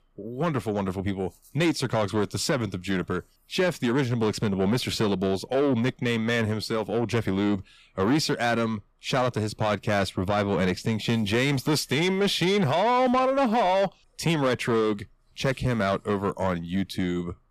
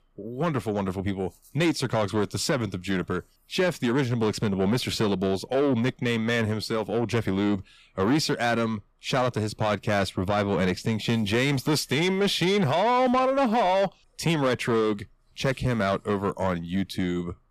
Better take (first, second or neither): neither